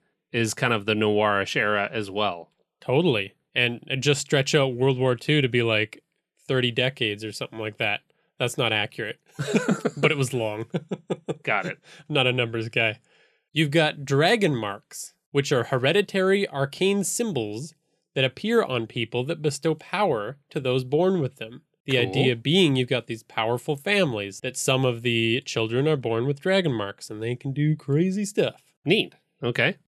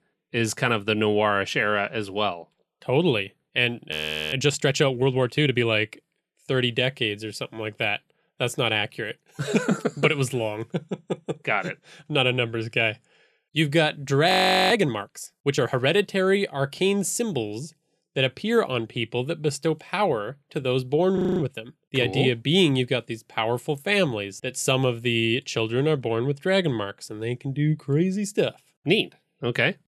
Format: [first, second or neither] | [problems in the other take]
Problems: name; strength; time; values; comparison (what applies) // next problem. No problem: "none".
first | audio freezing; at 4 s, at 14 s and at 21 s